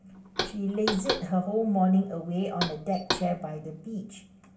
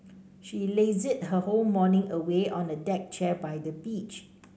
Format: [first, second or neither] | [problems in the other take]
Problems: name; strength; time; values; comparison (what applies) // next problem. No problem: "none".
second | background sound (Knock); 7 dB below the speech // room echo; dies away in 0.2 s